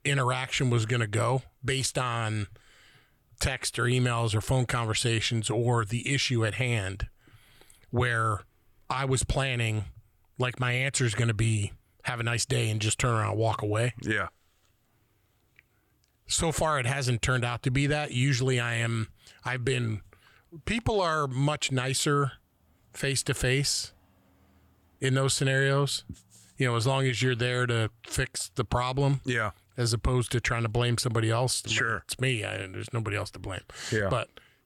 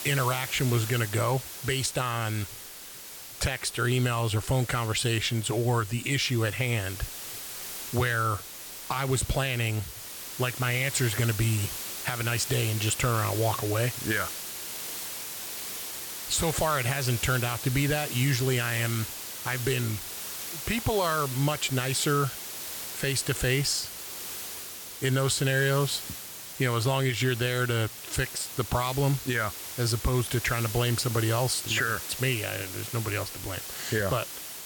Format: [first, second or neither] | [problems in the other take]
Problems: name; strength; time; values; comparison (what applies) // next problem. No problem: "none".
first | hiss; loud; throughout; 8 dB below the speech